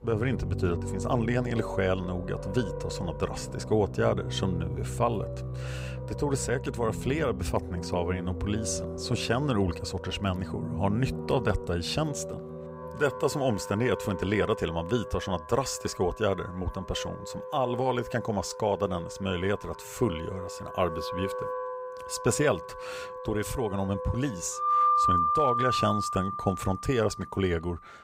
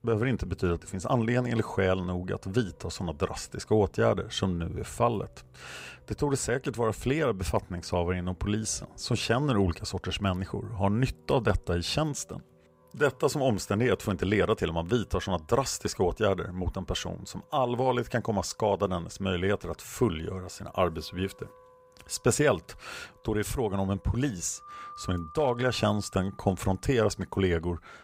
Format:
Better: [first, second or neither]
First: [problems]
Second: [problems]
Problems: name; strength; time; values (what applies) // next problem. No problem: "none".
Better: second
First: background music; loud; throughout; 4 dB below the speech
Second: background music; faint; throughout; 25 dB below the speech